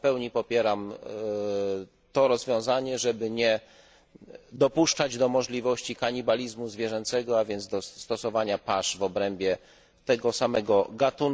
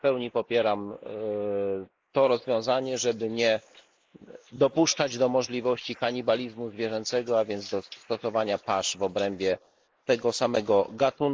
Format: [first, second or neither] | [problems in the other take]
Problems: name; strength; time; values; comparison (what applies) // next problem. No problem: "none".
first | noise reduction (neural mask model Resemble Enhance denoiser)